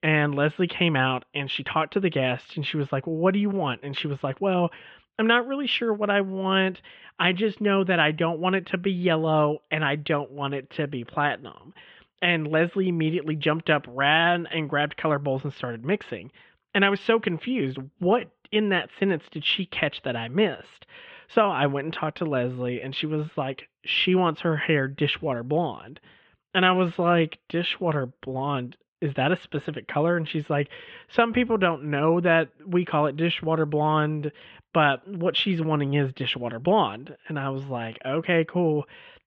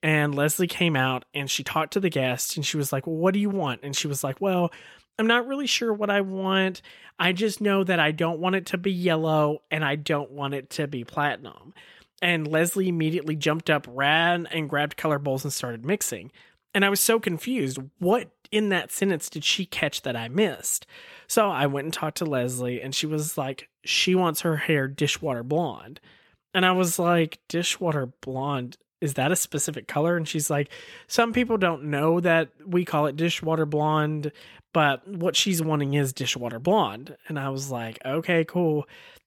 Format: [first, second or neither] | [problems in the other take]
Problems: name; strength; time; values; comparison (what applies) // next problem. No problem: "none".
second | muffled; very; fading above 3 kHz